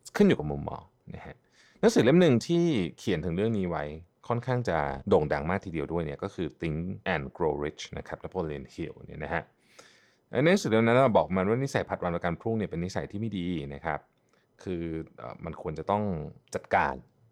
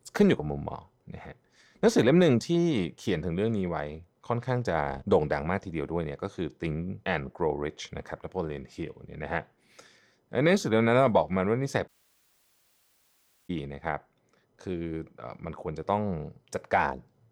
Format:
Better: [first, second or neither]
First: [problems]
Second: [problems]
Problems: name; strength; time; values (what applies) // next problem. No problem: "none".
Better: first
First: none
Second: audio cutting out; at 12 s for 1.5 s